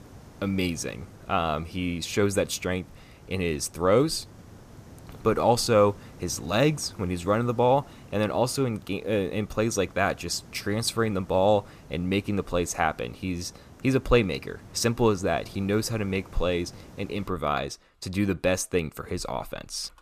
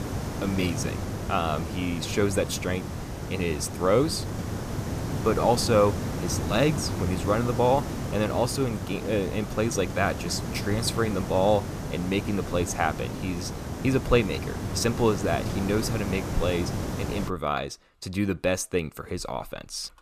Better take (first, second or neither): first